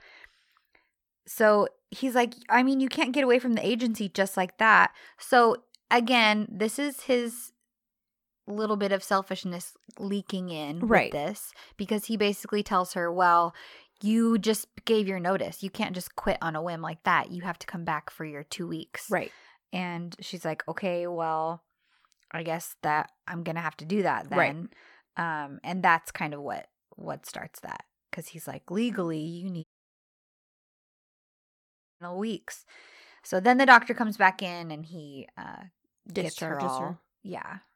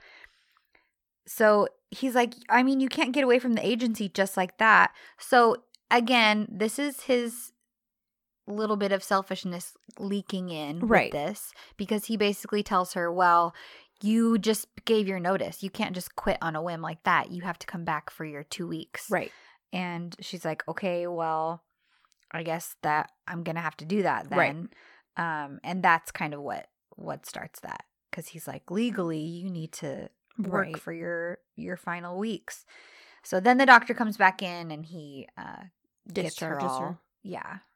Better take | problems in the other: second | audio cutting out; at 30 s for 2.5 s

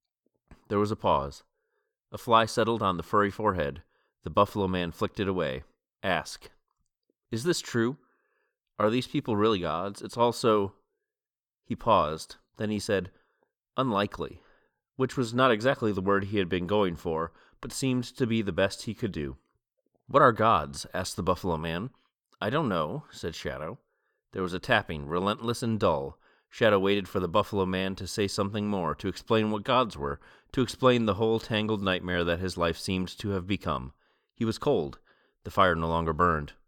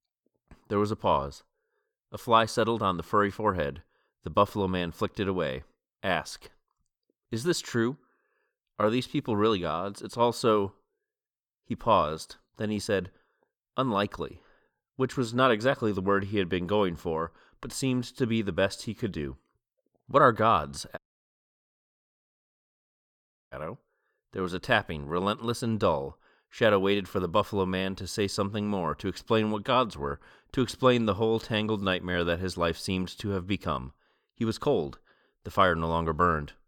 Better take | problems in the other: first | audio cutting out; at 21 s for 2.5 s

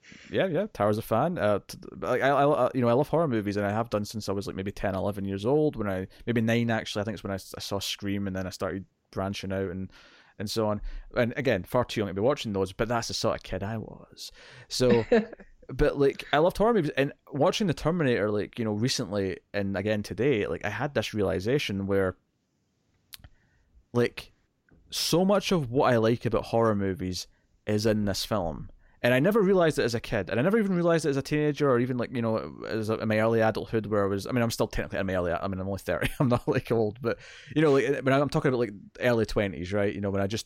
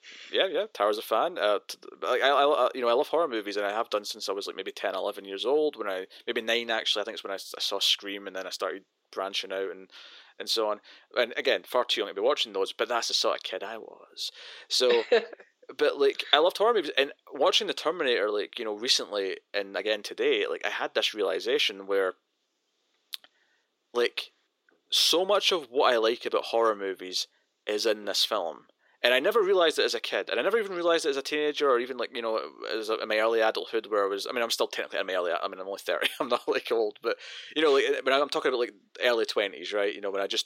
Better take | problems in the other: first | thin; very; fading below 400 Hz

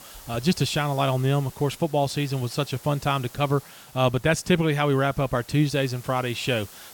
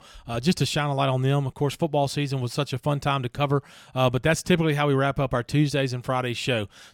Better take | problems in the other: second | hiss; faint; throughout; 20 dB below the speech

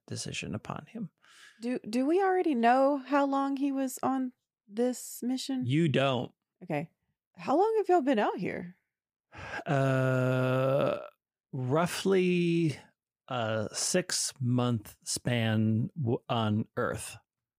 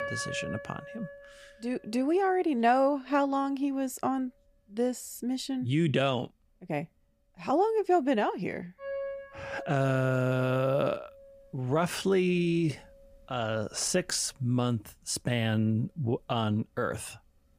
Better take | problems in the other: first | background music; noticeable; throughout; 15 dB below the speech

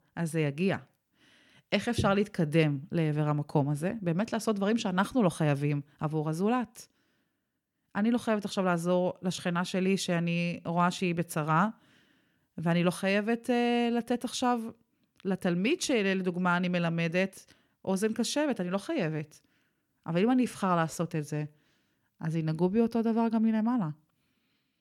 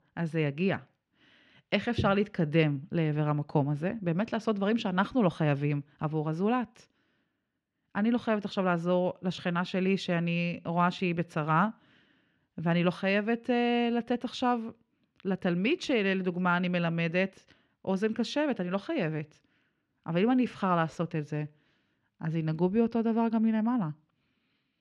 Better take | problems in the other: first | muffled; very slightly; fading above 3 kHz

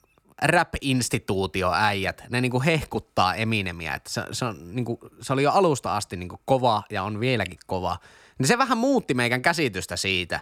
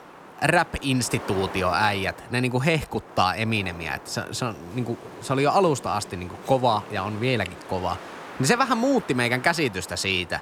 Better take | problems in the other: first | wind noise on the microphone; occasional gusts; 15 dB below the speech

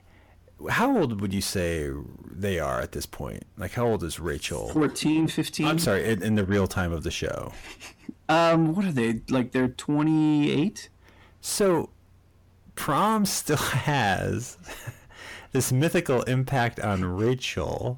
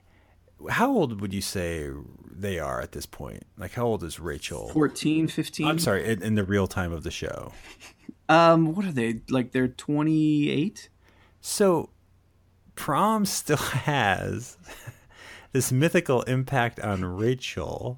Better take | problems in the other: second | distortion; slight; 10 dB below the speech

